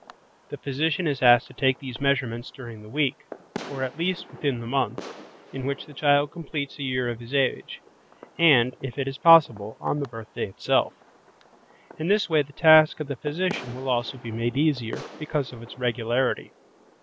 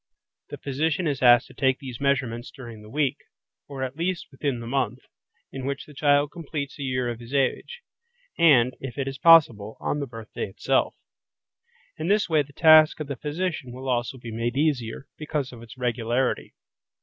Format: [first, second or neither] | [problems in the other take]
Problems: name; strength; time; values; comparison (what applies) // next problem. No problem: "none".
second | background sound (Fireworks); 19 dB below the speech